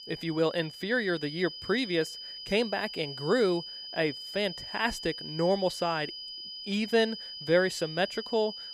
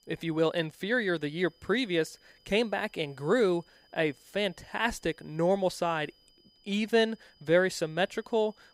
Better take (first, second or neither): second